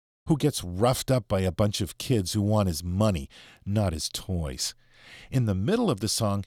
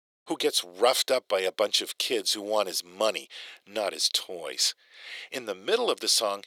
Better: first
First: none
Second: thin; very; fading below 400 Hz

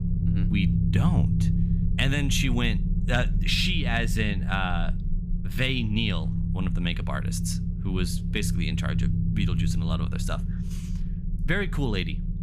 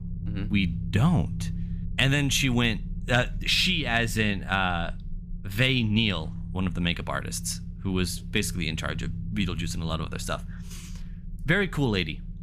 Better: second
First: low rumble; loud; throughout; 9 dB below the speech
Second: low rumble; faint; throughout; 20 dB below the speech

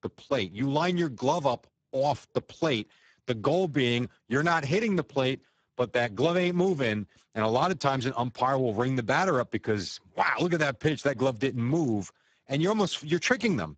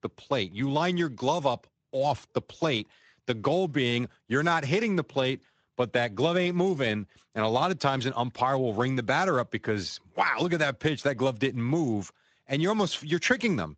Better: second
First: garbled, watery; badly; nothing above 7.5 kHz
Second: garbled, watery; slightly; nothing above 7.5 kHz

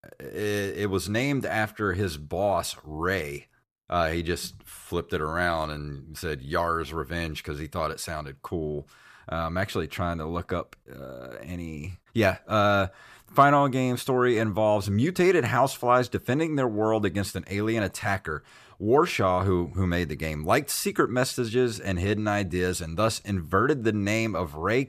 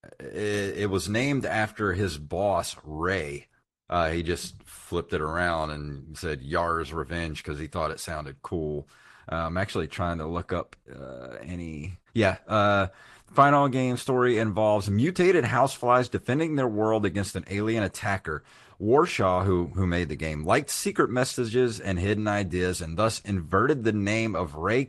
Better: first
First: none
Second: garbled, watery; slightly; nothing above 12 kHz

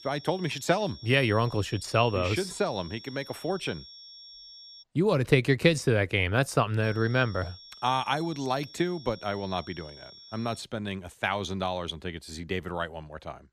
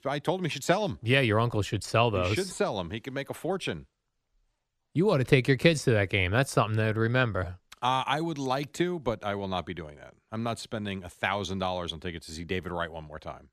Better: second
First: high-pitched whine; noticeable; until 5 s and from 7 to 11 s; 5.5 kHz, 20 dB below the speech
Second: none

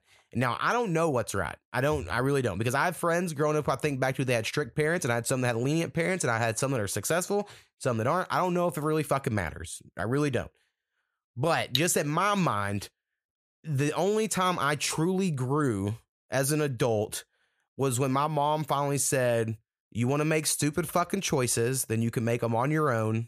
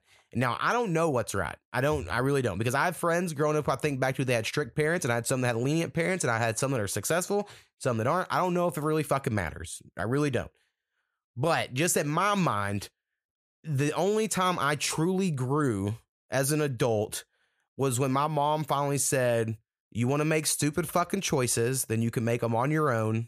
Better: second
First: clattering dishes; very faint; at 12 s; peak 3 dB below the speech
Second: none

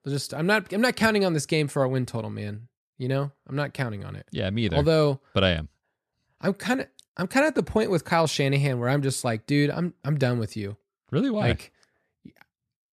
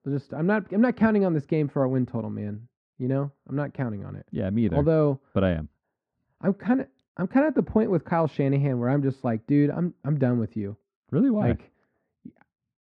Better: first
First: none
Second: muffled; very; fading above 1.5 kHz

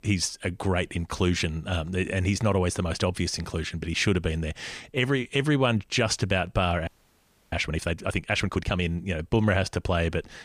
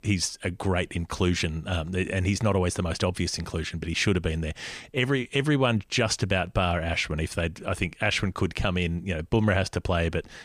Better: second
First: audio freezing; at 7 s for 0.5 s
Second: none

